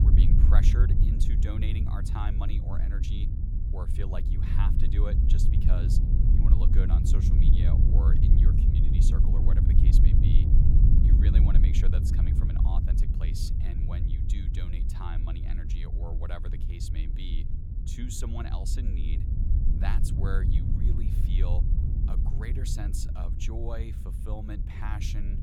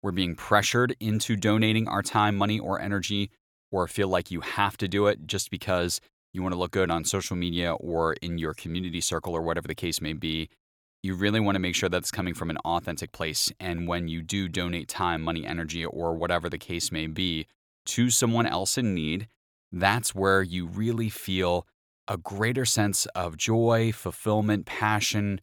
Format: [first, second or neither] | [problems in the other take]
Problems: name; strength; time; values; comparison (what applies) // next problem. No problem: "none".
second | wind noise on the microphone; heavy; as loud as the speech